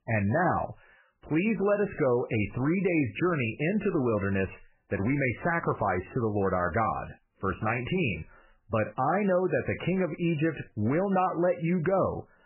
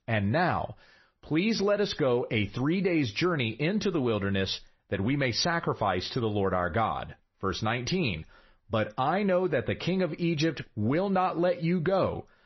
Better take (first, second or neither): second